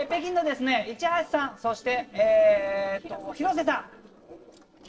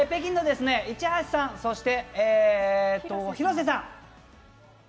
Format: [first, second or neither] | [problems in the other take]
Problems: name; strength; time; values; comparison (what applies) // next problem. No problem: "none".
second | noise reduction (neural separator model SepFormer DNS4)